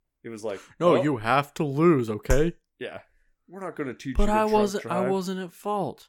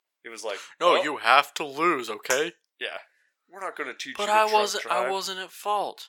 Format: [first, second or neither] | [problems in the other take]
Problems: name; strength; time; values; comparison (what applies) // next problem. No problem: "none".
first | thin; very; fading below 700 Hz